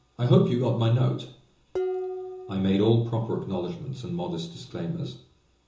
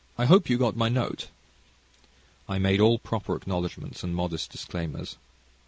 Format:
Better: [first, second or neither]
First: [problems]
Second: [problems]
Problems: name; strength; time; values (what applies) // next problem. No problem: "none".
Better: second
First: background sound (Dishes, pots, and pans); 13 dB below the speech // room echo; dies away in 0.6 s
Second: none